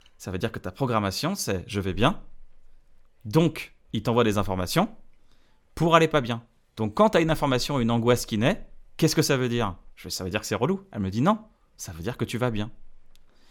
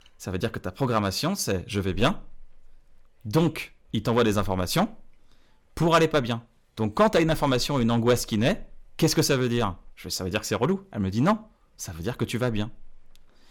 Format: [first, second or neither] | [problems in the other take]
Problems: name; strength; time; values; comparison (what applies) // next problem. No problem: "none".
first | distortion; slight; 2% of the sound clipped